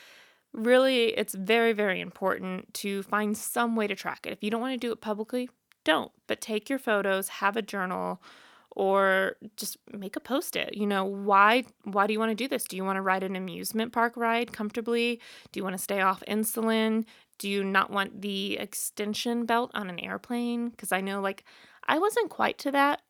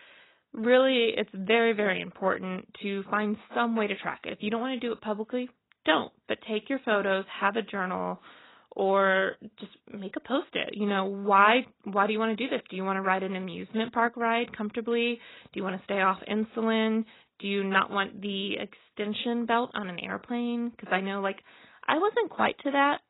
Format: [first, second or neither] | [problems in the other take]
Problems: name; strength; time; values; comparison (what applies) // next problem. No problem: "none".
first | garbled, watery; badly; nothing above 4 kHz